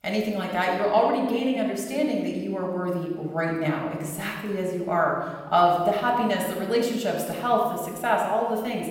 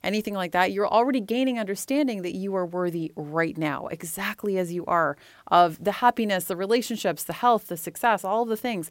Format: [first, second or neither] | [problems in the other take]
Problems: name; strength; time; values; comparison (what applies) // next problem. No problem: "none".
second | off-mic speech; far // room echo; noticeable; dies away in 1.3 s